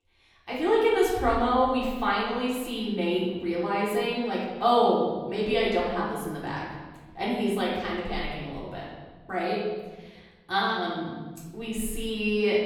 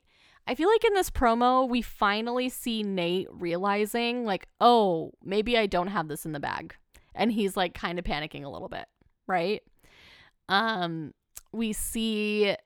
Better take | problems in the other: second | off-mic speech; far // room echo; noticeable; dies away in 1.3 s

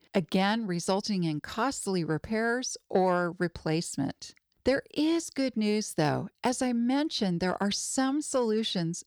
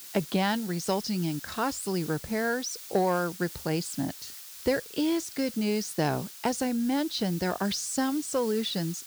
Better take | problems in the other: first | hiss; noticeable; throughout; 10 dB below the speech

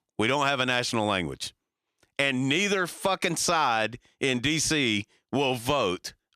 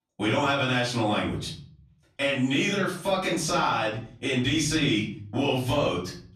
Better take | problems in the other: first | off-mic speech; far // room echo; noticeable; dies away in 0.7 s

